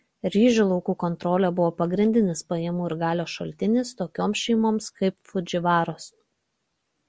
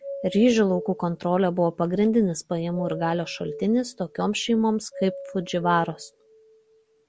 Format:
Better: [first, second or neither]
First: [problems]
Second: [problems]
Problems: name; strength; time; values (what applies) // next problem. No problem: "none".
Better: first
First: none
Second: background sound (Doorbell); 15 dB below the speech